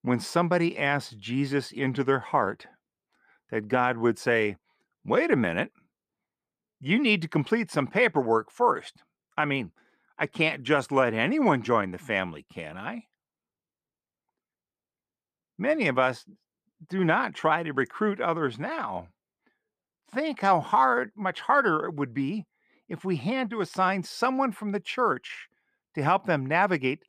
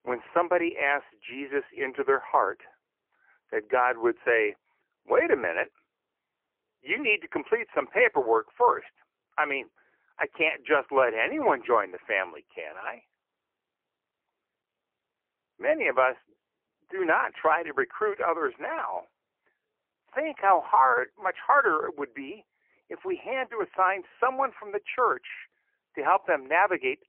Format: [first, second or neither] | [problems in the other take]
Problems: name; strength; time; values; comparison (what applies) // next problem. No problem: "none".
first | phone-call audio; poor line; nothing above 3 kHz